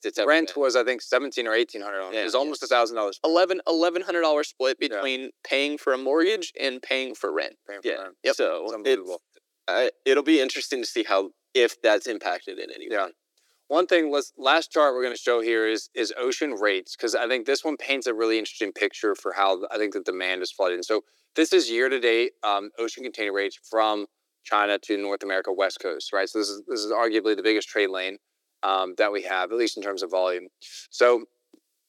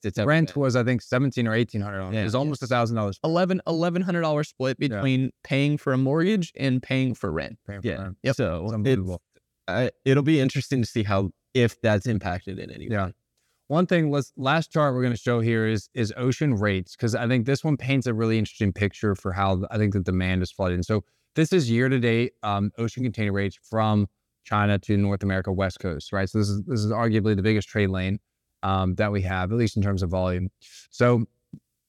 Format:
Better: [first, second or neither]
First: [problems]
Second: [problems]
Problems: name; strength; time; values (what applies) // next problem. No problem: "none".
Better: second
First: thin; very; fading below 300 Hz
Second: none